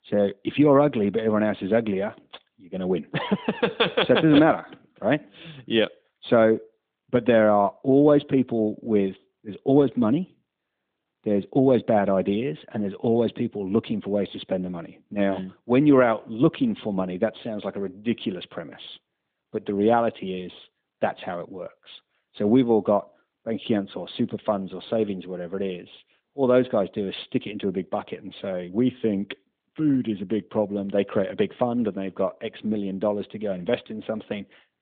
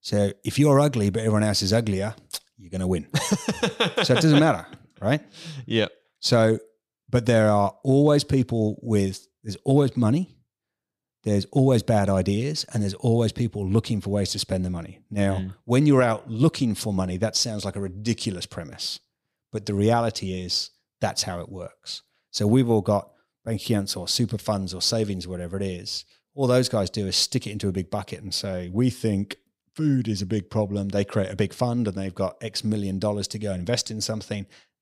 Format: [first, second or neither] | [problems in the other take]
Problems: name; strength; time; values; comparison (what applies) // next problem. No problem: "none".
second | phone-call audio; nothing above 3.5 kHz